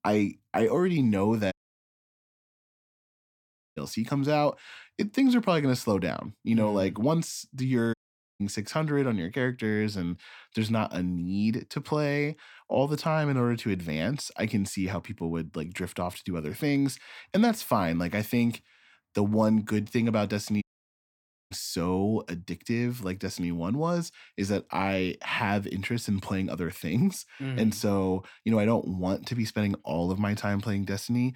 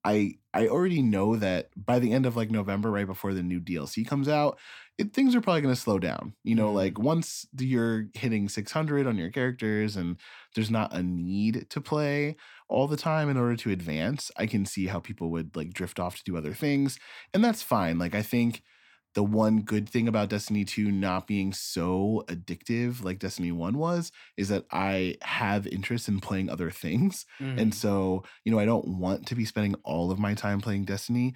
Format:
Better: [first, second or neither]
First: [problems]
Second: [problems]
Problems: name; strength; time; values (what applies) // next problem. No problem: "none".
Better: second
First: audio cutting out; at 1.5 s for 2 s, at 8 s and at 21 s for 1 s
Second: none